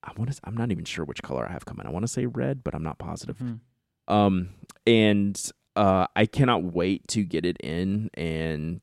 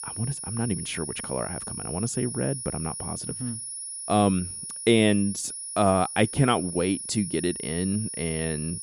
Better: first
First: none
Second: high-pitched whine; loud; throughout; 10.5 kHz, 6 dB below the speech

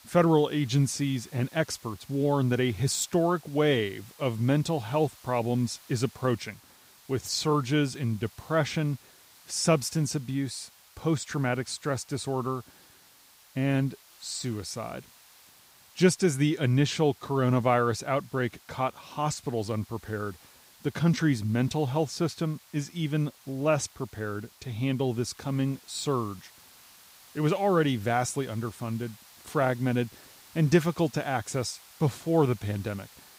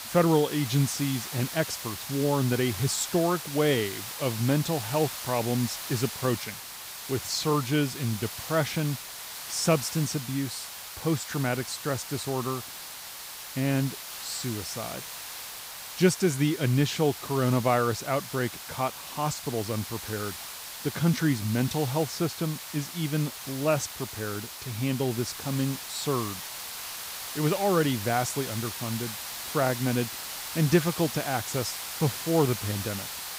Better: first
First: hiss; faint; throughout; 25 dB below the speech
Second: hiss; loud; throughout; 7 dB below the speech

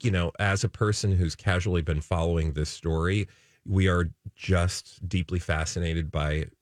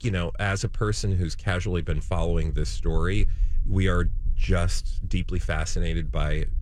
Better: first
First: none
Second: low rumble; faint; throughout; 25 dB below the speech

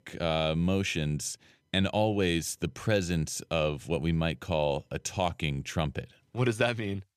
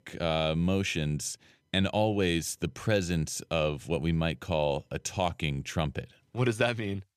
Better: neither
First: none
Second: none

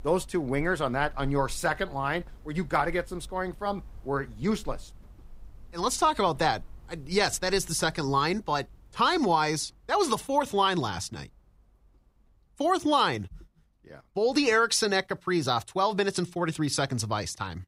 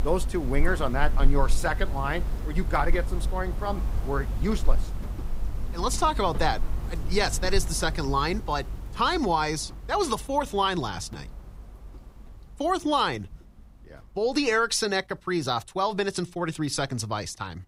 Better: first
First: machinery noise; faint; throughout; 25 dB below the speech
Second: machinery noise; loud; throughout; 6 dB below the speech

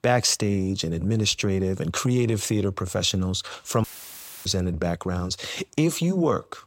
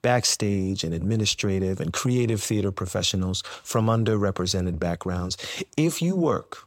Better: second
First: audio cutting out; filled with static; at 4 s for 0.5 s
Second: none

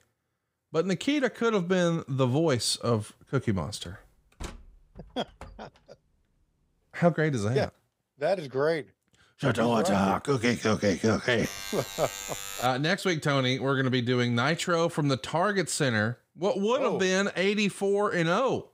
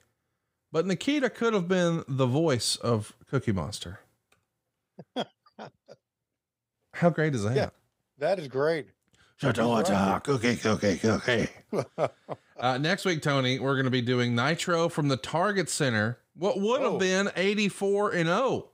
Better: second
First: door banging; faint; from 4 to 5.5 s; peak 15 dB below the speech // alarm; noticeable; from 11 to 13 s; peak 8 dB below the speech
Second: none

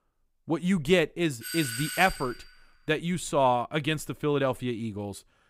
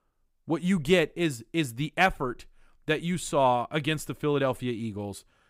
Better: second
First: doorbell; noticeable; from 1.5 to 2.5 s; peak 5 dB below the speech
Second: none

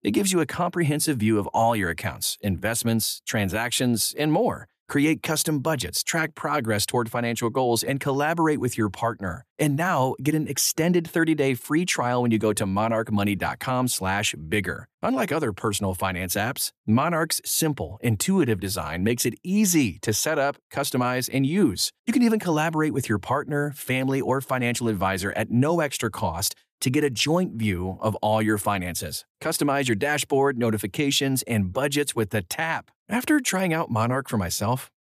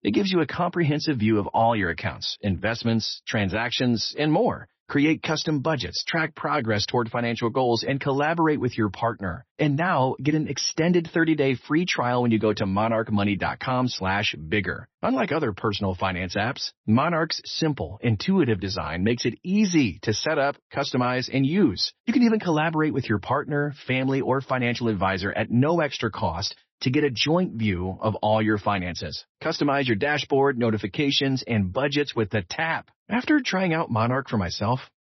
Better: first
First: none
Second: garbled, watery; slightly; nothing above 6 kHz

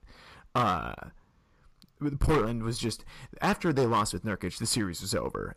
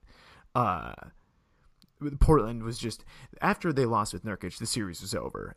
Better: second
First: distortion; heavy; 5% of the sound clipped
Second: none

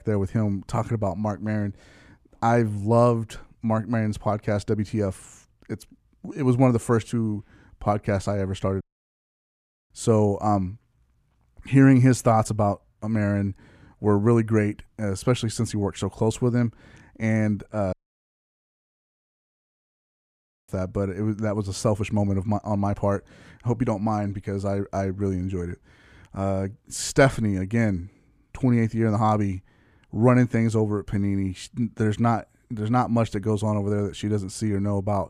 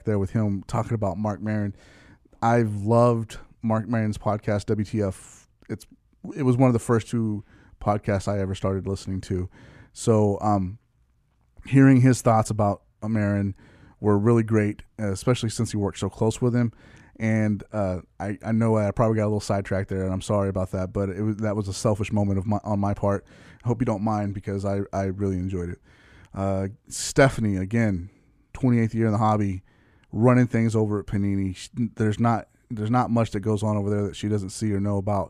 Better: second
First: audio cutting out; at 9 s for 1 s and at 18 s for 3 s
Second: none

